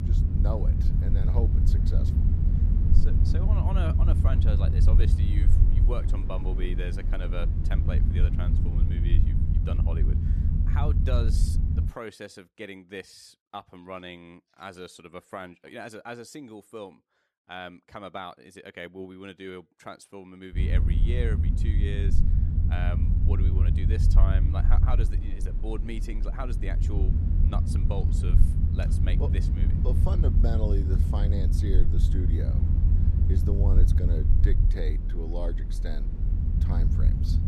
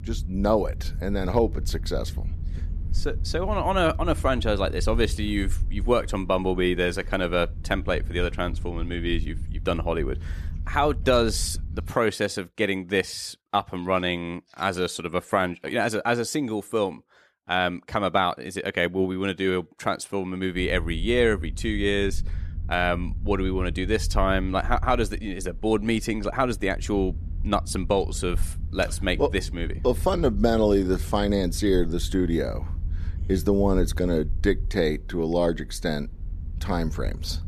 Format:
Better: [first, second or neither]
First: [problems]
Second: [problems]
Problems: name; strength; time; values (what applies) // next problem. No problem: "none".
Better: second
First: low rumble; loud; until 12 s and from 21 s on; 2 dB below the speech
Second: low rumble; faint; until 12 s and from 21 s on; 25 dB below the speech